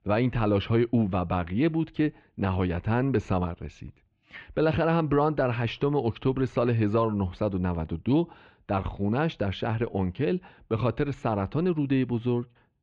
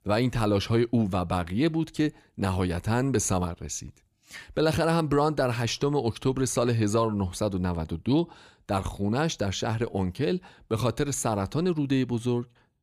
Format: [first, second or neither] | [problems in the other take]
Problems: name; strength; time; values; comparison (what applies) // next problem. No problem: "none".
second | muffled; very; fading above 3 kHz